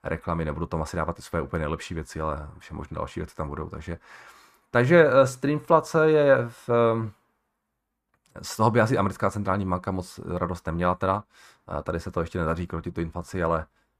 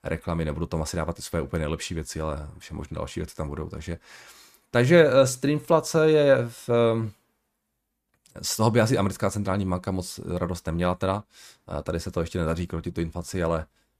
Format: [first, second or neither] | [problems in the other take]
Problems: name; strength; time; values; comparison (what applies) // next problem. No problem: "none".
second | muffled; slightly; fading above 3 kHz